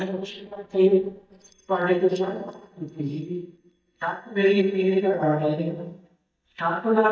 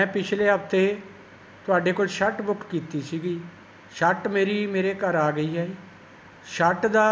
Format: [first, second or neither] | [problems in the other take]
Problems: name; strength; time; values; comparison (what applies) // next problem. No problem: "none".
second | noise reduction (neural mask model DeepFilterNet 3)